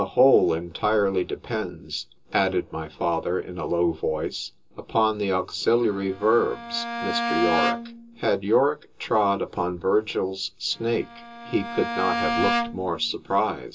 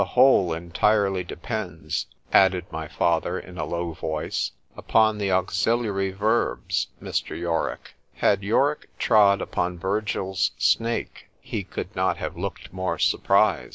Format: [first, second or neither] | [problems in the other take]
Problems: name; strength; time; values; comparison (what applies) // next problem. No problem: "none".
second | background sound (Bowed string instrument); 6 dB below the speech // room echo; dies away in 0.2 s